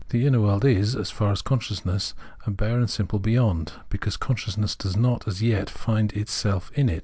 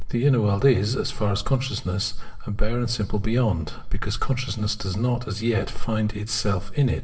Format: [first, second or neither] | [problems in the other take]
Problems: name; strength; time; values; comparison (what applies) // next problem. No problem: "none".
first | room echo; dies away in 0.7 s